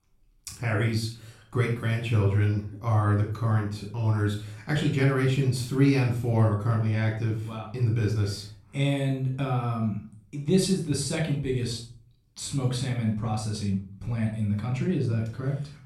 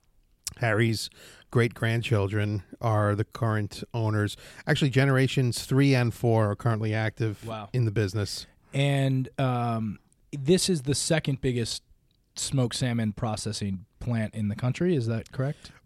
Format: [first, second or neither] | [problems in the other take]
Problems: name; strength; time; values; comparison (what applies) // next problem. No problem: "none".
second | off-mic speech; far // room echo; slight; dies away in 0.4 s